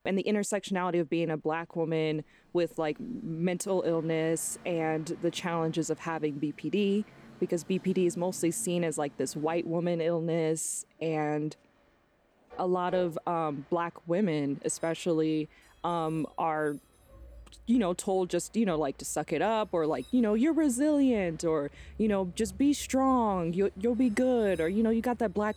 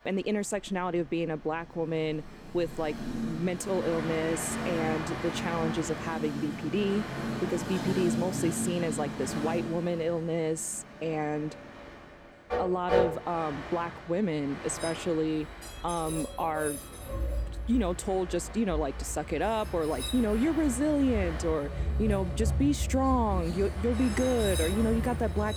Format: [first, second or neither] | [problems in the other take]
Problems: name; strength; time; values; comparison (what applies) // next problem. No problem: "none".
first | train or aircraft noise; loud; throughout; 4 dB below the speech; faint in the first